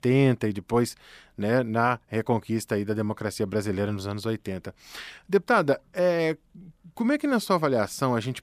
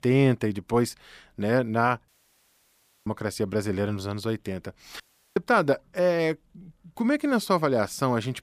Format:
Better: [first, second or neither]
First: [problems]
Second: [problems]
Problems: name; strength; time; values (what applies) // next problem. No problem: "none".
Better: first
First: none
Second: audio cutting out; at 2 s for 1 s and at 5 s